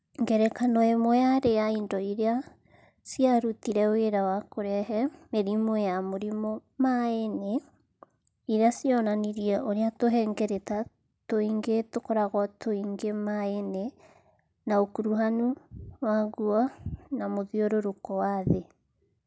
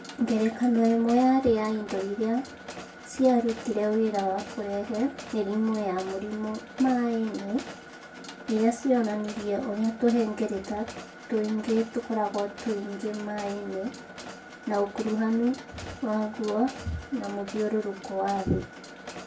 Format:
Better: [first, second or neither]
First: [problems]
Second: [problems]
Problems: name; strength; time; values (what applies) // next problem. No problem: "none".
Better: first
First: none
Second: background sound (Mechanisms); 15 dB below the speech // room echo; dies away in 0.2 s